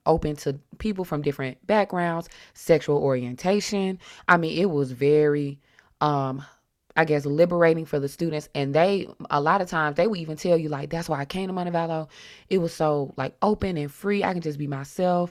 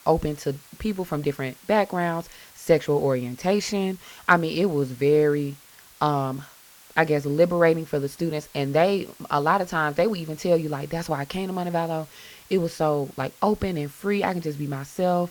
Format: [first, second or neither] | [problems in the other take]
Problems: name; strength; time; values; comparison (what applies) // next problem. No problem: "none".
first | hiss; faint; throughout; 25 dB below the speech